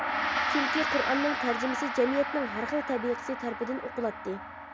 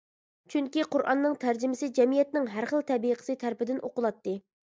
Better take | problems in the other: second | background sound (Gong); 1 dB below the speech

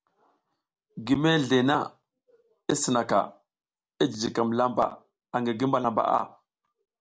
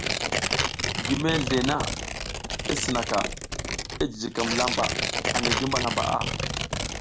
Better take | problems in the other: first | background sound (Tearing); 1 dB above the speech

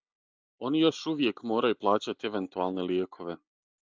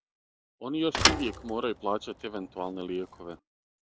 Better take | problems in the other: first | background sound (Thump, thud); 1 dB above the speech

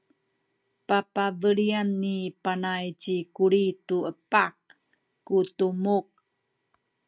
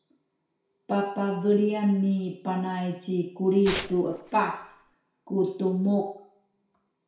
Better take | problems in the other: first | background sound (Tearing); 11 dB below the speech // room echo; dies away in 0.6 s

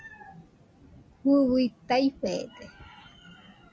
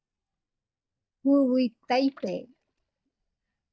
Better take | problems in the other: first | noise reduction (neural mask model DeepFilterNet 3)

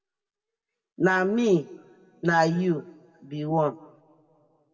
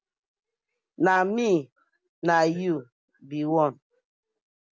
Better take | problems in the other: second | room echo; dies away in 1.3 s

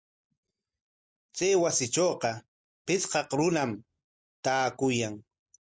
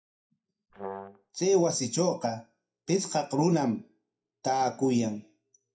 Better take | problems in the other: first | noise reduction (classical method WPE with log-MMSE)

